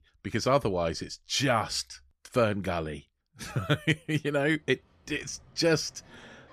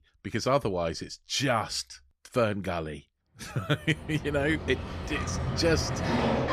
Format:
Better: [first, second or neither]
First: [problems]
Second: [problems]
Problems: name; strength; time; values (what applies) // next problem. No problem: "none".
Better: first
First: rain or running water; faint; from 4 s on; 30 dB below the speech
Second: rain or running water; loud; from 4 s on; 3 dB below the speech